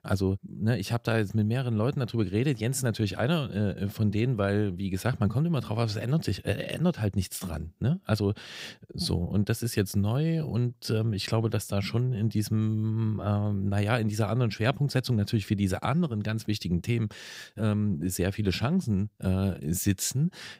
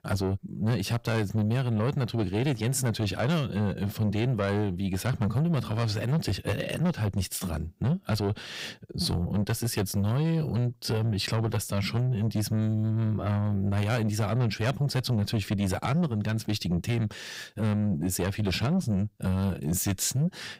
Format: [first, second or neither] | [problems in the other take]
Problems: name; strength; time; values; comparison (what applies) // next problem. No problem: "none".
first | distortion; slight; 10 dB below the speech